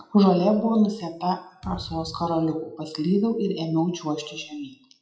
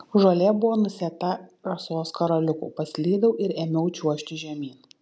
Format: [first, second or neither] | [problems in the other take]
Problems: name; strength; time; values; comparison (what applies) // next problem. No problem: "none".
second | noise reduction (classical method WPE with log-MMSE)